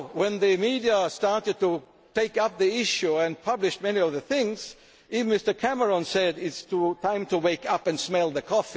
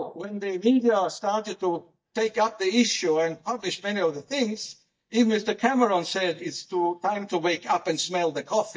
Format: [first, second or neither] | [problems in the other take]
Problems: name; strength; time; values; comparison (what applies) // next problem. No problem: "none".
first | noise reduction (neural mask model DeepFilterNet 3)